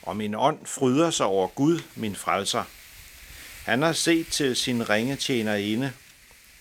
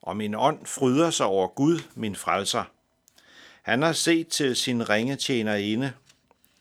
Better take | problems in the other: second | wind noise on the microphone; occasional gusts; 20 dB below the speech

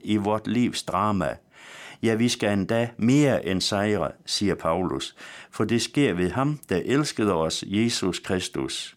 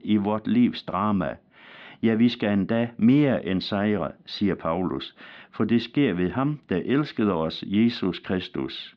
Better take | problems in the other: first | muffled; slightly; fading above 4 kHz

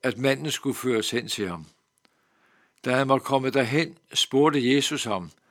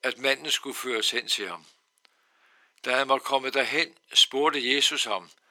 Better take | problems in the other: first | thin; somewhat; fading below 500 Hz

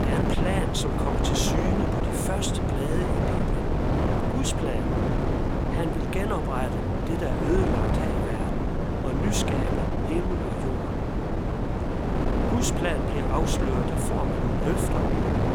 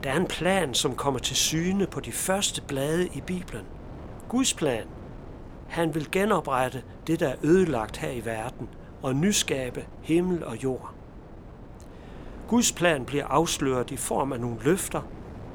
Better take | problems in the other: second | wind noise on the microphone; heavy; 3 dB above the speech; occasional gusts in the second

